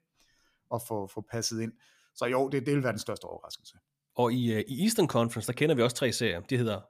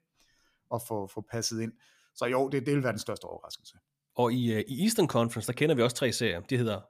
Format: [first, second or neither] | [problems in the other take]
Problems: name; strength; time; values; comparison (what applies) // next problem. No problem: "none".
neither | none